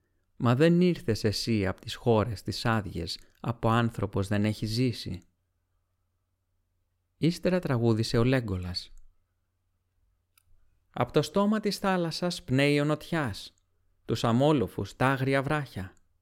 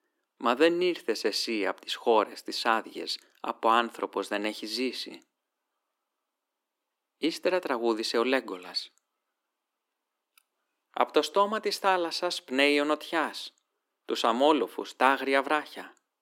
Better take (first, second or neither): first